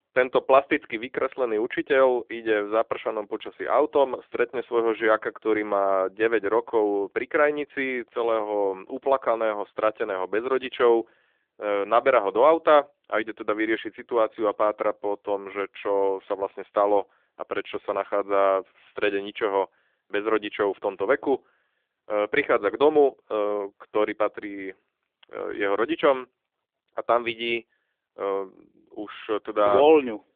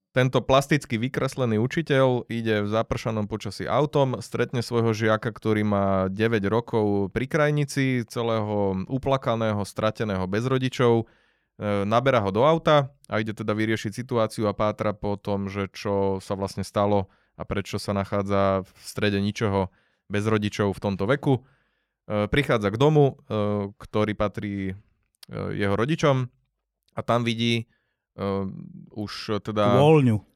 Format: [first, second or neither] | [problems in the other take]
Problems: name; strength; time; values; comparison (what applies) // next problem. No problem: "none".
second | phone-call audio; nothing above 3.5 kHz